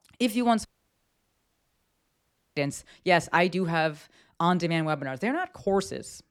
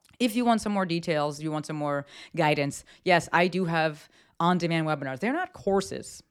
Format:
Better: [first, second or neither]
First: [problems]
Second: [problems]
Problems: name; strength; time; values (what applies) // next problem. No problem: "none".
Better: second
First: audio cutting out; at 0.5 s for 2 s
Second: none